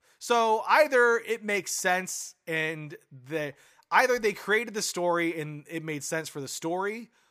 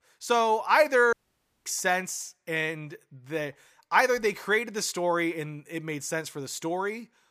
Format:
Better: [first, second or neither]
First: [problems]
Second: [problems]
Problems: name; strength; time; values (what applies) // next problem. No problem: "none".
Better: first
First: none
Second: audio cutting out; at 1 s for 0.5 s